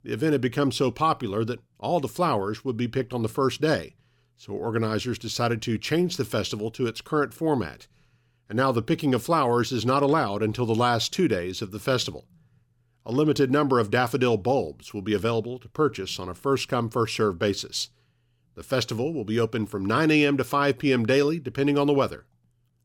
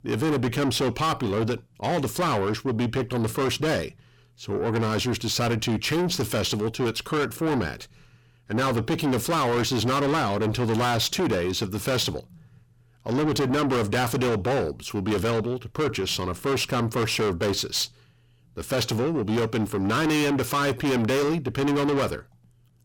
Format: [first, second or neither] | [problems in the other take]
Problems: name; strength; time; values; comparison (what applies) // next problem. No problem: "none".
first | distortion; heavy; 6 dB below the speech